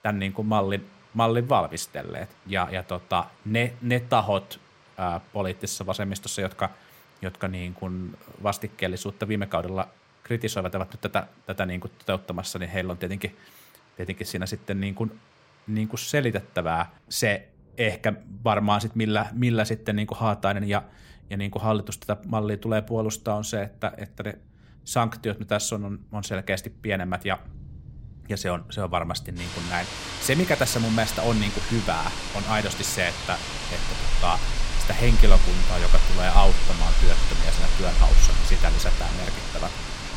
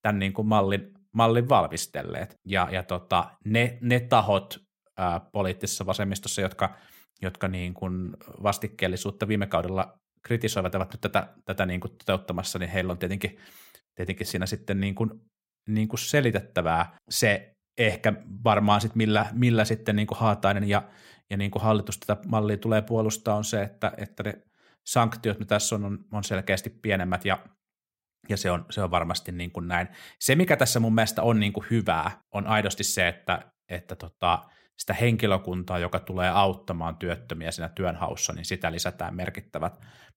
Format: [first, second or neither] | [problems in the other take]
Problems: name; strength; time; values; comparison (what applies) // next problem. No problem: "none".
second | rain or running water; very loud; throughout; as loud as the speech